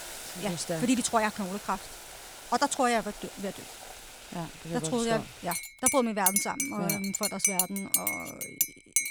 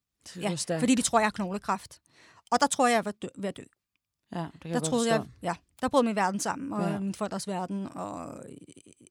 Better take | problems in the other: second | household noises; very loud; throughout; 1 dB above the speech

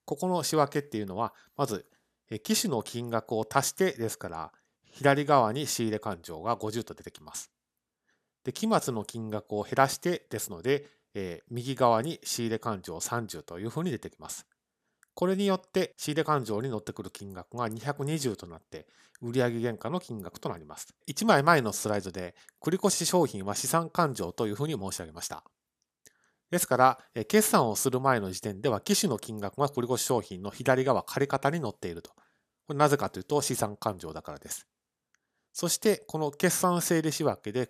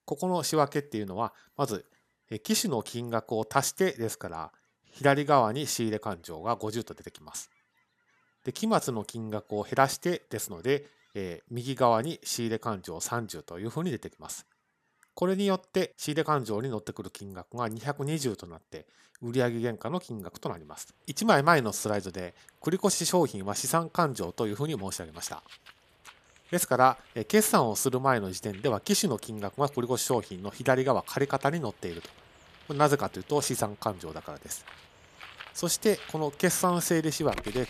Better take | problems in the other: first | animal sounds; faint; throughout; 20 dB below the speech

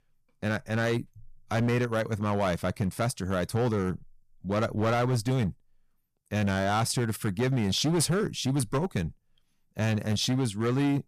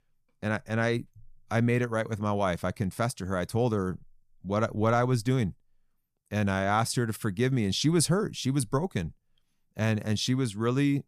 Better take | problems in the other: second | distortion; slight; 12% of the sound clipped

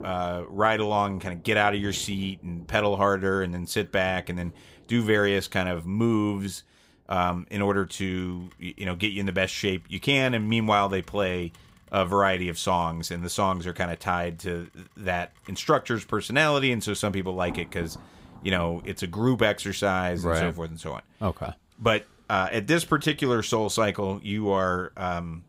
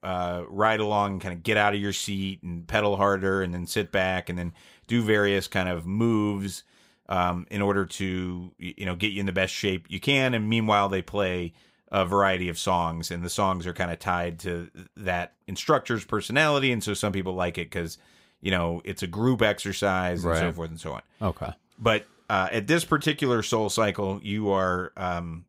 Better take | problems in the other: second | rain or running water; faint; throughout; 25 dB below the speech

